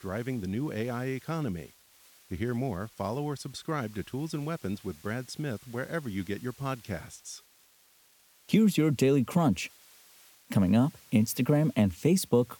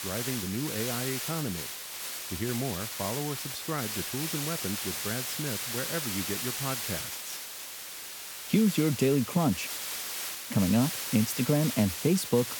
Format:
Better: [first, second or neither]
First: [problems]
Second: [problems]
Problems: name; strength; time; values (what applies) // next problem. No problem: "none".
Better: first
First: hiss; faint; throughout; 25 dB below the speech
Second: hiss; loud; throughout; 3 dB below the speech